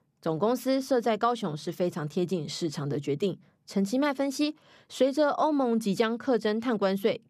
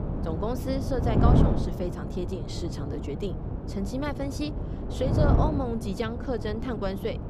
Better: first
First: none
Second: wind noise on the microphone; heavy; 3 dB below the speech

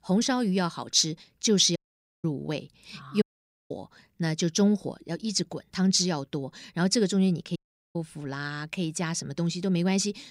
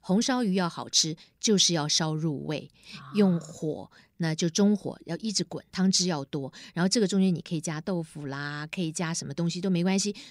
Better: second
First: audio cutting out; at 2 s, at 3 s and at 7.5 s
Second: none

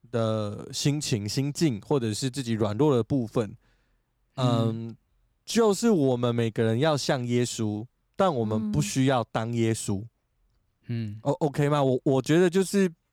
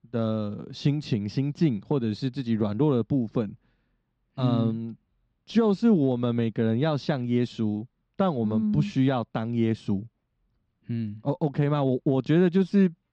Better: first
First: none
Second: muffled; slightly; fading above 4.5 kHz

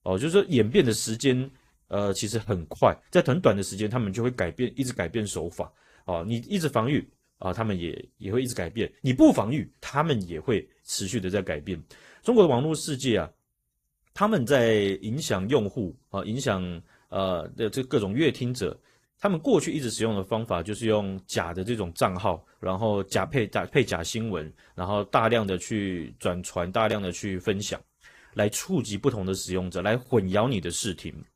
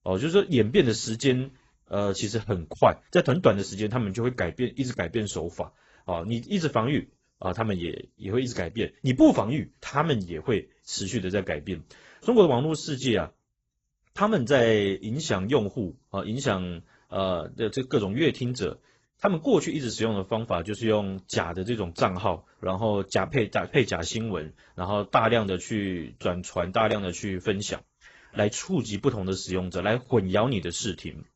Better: first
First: garbled, watery; slightly; nothing above 14.5 kHz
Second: garbled, watery; badly; nothing above 8 kHz

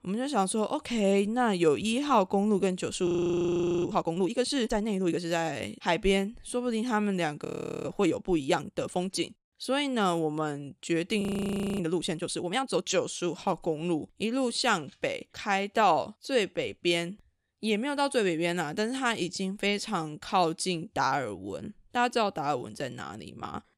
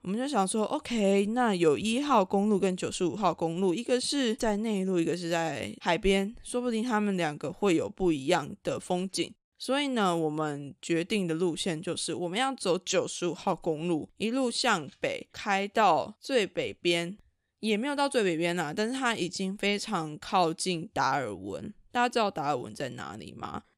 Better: second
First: audio freezing; at 3 s for 1 s, at 7.5 s and at 11 s for 0.5 s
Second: none

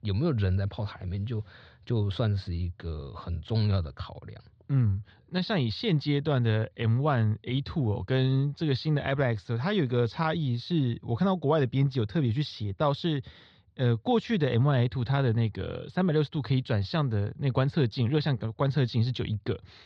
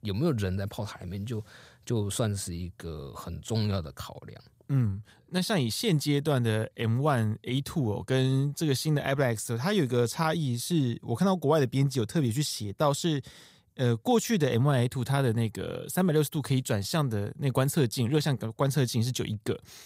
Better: second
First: muffled; very slightly; fading above 4 kHz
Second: none

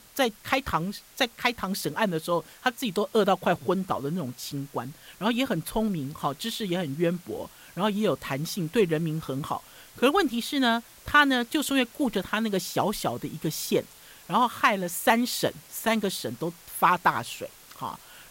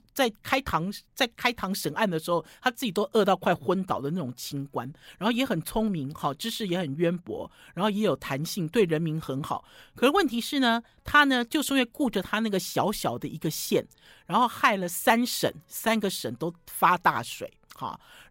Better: second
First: hiss; faint; throughout; 25 dB below the speech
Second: none

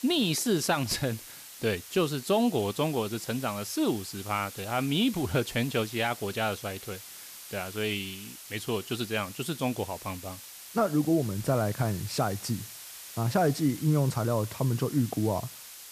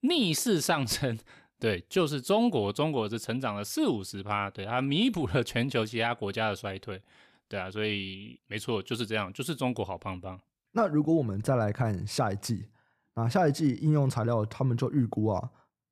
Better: second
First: hiss; noticeable; throughout; 15 dB below the speech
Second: none

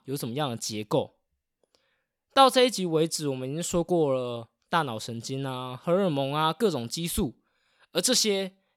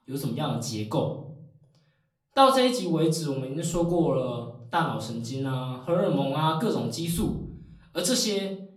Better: first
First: none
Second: off-mic speech; far // room echo; slight; dies away in 0.7 s

